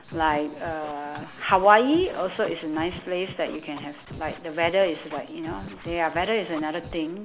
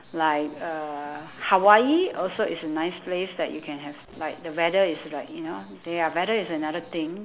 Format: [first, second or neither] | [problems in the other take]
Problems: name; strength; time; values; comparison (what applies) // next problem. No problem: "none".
second | background sound (Scratching (performance technique)); 17 dB below the speech